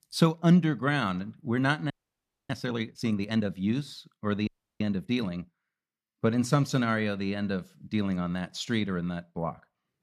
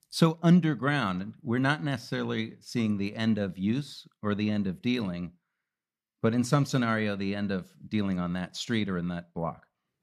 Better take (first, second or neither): second